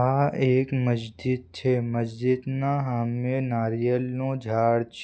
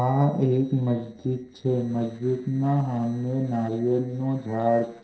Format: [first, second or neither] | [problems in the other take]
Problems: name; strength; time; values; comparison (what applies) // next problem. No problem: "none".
first | noise reduction (neural separator model SepFormer DNS4)